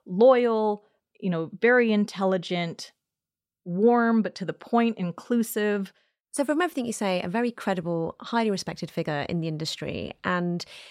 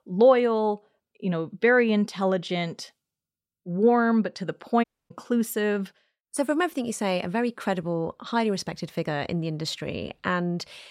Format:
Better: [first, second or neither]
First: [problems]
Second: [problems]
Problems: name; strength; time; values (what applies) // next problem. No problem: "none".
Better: first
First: none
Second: audio cutting out; at 5 s